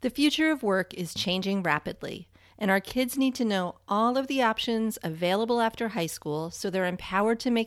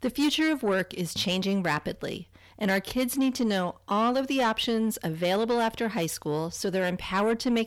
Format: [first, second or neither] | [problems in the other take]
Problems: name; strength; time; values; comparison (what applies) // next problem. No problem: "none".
first | distortion; slight; 10 dB below the speech